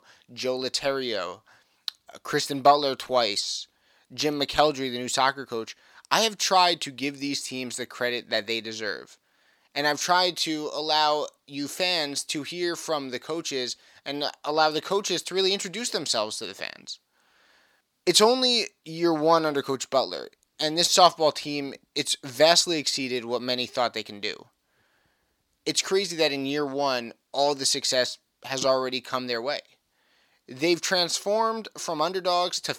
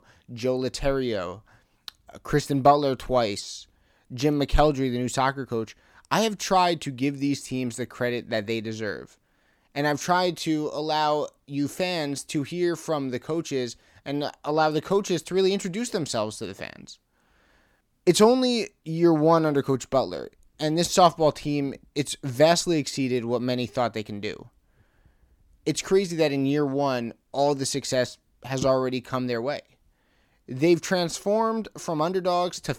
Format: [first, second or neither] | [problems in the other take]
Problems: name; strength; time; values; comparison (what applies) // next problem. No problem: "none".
second | thin; very slightly; fading below 700 Hz